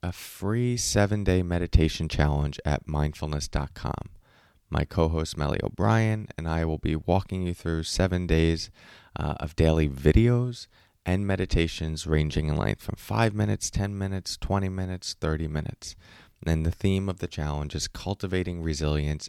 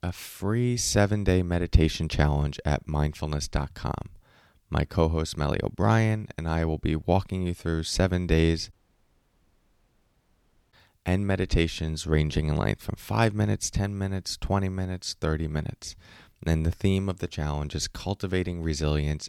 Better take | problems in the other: first | audio cutting out; at 8.5 s for 2 s

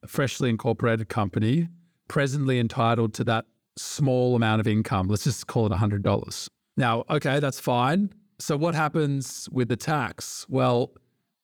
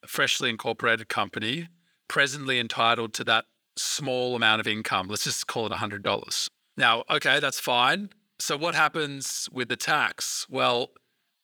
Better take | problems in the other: first | thin; somewhat; fading below 1 kHz

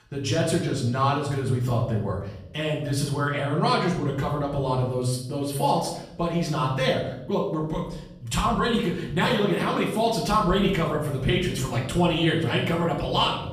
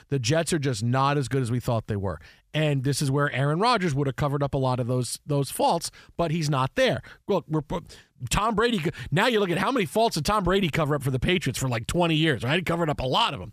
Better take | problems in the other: second | off-mic speech; far // room echo; noticeable; dies away in 0.7 s

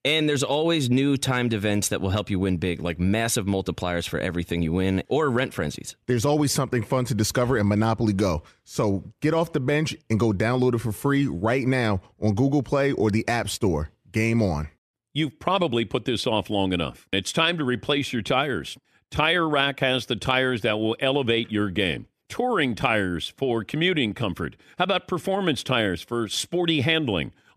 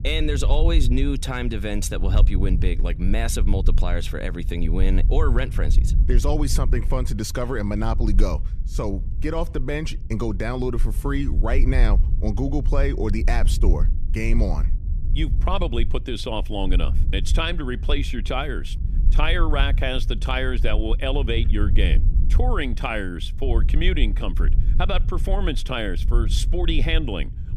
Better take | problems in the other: first | low rumble; noticeable; throughout; 15 dB below the speech

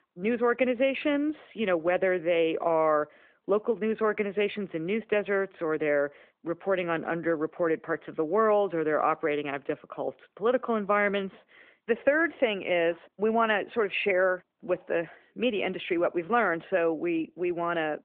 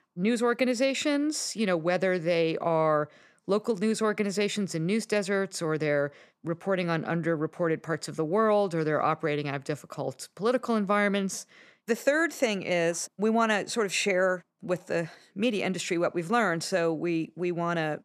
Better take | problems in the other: second | phone-call audio

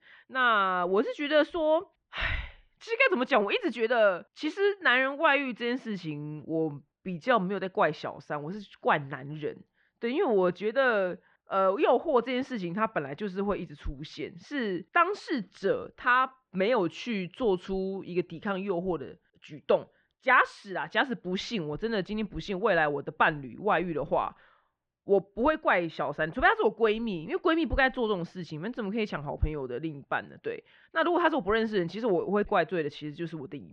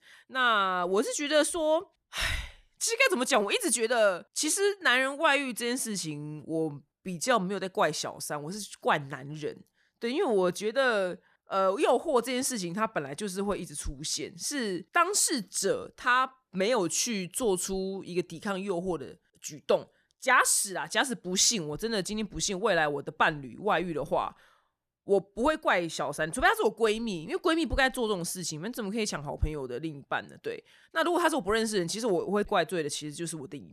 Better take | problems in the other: second | muffled; very; fading above 3 kHz

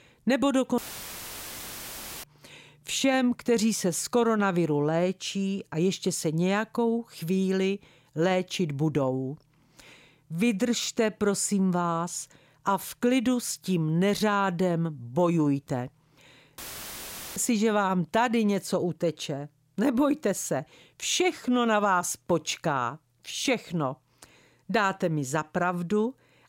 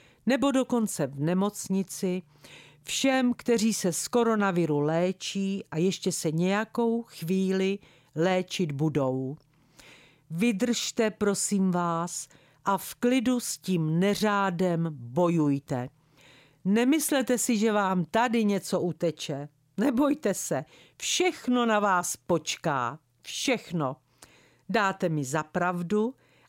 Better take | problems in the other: second | audio cutting out; filled with static; at 1 s for 1.5 s and at 17 s for 1 s

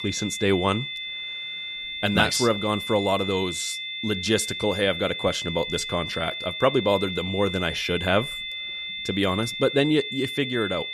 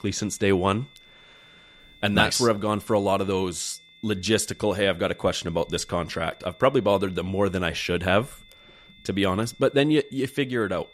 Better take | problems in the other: second | high-pitched whine; loud; throughout; 3.5 kHz, 5 dB below the speech; faint in the second

